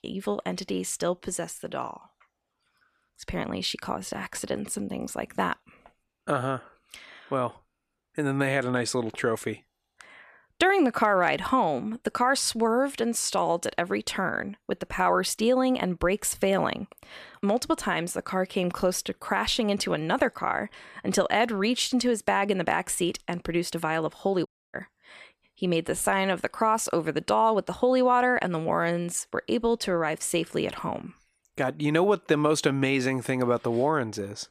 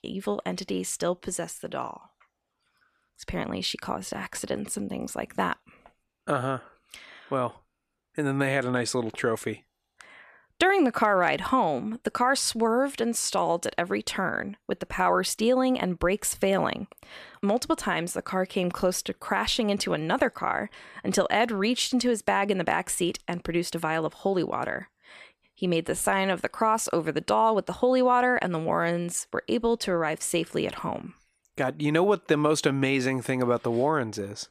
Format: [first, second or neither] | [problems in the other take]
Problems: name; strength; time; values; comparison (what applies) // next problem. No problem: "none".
second | audio cutting out; at 24 s